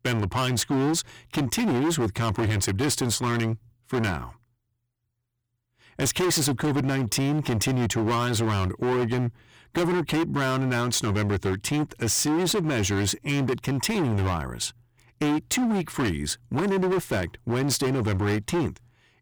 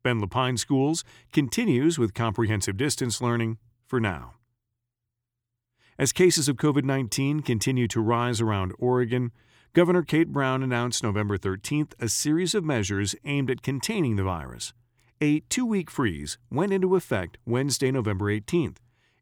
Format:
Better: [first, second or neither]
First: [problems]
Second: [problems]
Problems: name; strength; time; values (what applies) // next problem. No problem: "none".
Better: second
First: distortion; heavy; 24% of the sound clipped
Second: none